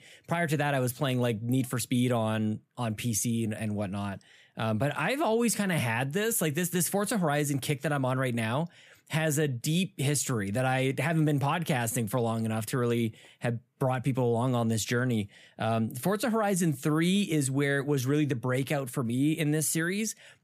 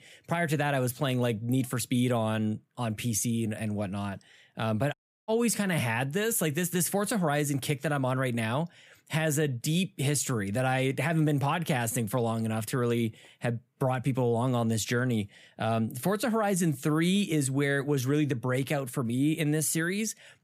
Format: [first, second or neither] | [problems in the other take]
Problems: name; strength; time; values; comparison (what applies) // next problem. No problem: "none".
first | audio cutting out; at 5 s